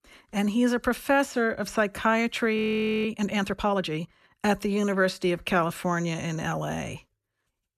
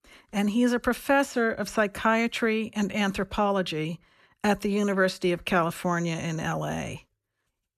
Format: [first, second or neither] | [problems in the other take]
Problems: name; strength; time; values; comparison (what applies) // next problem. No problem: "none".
second | audio freezing; at 2.5 s